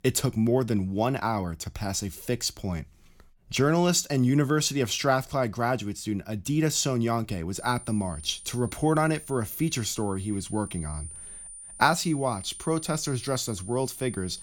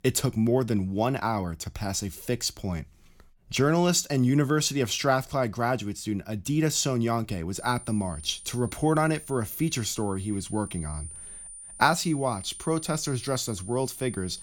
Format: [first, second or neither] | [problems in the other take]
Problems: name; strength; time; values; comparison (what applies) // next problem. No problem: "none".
neither | high-pitched whine; noticeable; from 7.5 s on; 9 kHz, 15 dB below the speech; the same in both